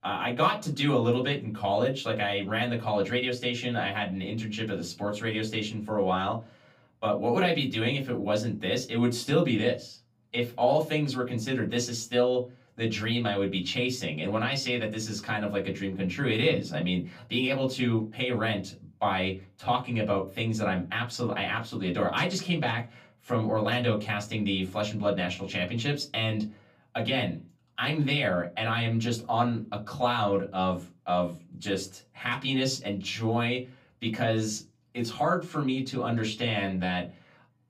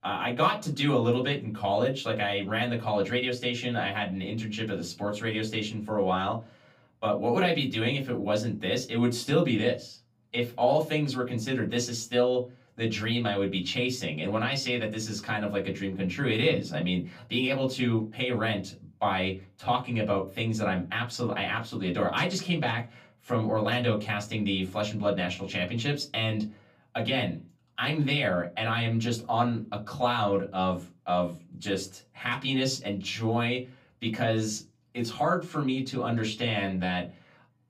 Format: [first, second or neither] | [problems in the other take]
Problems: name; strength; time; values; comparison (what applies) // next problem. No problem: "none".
neither | off-mic speech; far; the same in both // room echo; very slight; dies away in 0.2 s; the same in both